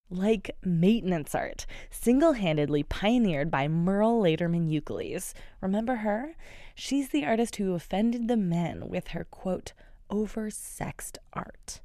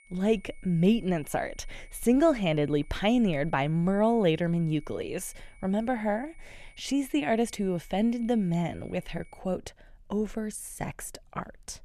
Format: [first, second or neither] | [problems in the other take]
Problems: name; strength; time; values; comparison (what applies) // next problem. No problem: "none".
first | high-pitched whine; faint; until 9.5 s; 2 kHz, 30 dB below the speech